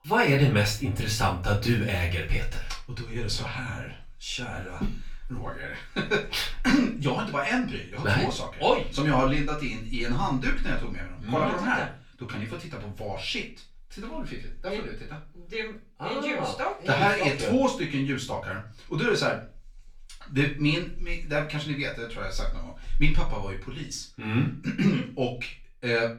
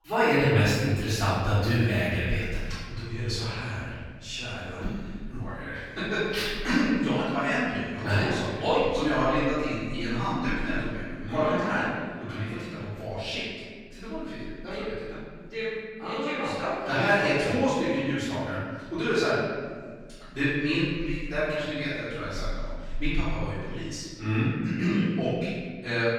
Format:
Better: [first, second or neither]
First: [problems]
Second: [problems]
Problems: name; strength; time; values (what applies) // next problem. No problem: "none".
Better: first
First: room echo; slight; dies away in 0.3 s // off-mic speech; far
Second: room echo; strong; dies away in 1.6 s // off-mic speech; far